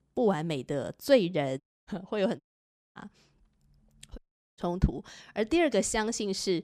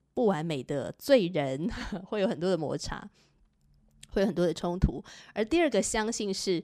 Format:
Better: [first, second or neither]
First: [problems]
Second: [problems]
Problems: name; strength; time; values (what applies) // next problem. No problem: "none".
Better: second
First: audio cutting out; at 1.5 s, at 2.5 s for 0.5 s and at 4 s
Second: none